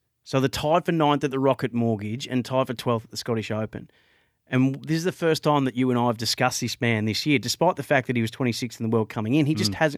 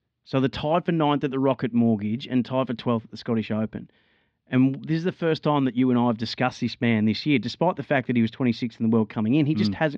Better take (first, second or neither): first